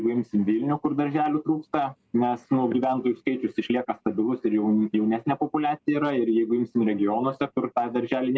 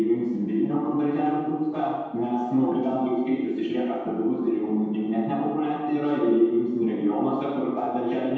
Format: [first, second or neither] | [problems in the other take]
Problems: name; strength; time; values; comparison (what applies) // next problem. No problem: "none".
first | room echo; dies away in 1.2 s